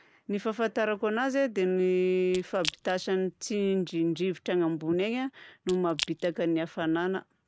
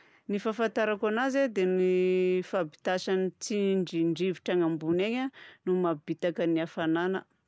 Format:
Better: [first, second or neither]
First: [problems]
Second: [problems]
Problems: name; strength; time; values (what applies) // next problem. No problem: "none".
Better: second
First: background sound (Crack / Crushing); 12 dB below the speech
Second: none